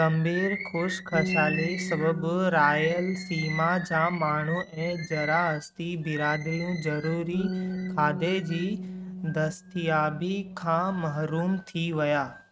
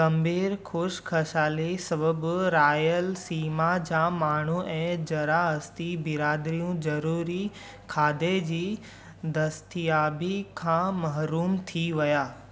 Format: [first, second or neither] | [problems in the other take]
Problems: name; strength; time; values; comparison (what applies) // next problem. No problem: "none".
second | noise reduction (neural mask model RNNoise)